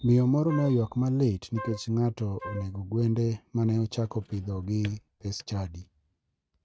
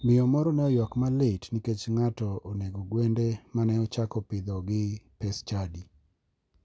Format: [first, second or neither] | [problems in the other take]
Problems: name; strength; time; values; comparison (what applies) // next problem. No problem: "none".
second | noise reduction (neural mask model RNNoise)